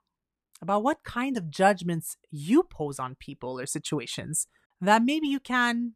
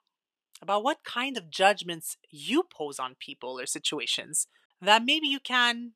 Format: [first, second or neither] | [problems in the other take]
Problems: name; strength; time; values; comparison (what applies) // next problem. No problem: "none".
first | thin; somewhat; fading below 350 Hz